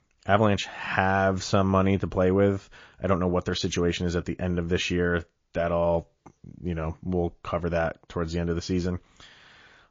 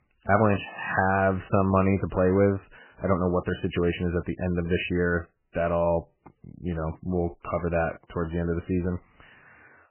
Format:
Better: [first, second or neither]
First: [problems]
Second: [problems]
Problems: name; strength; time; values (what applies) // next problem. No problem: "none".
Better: first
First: garbled, watery; slightly; nothing above 6.5 kHz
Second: garbled, watery; badly; nothing above 3 kHz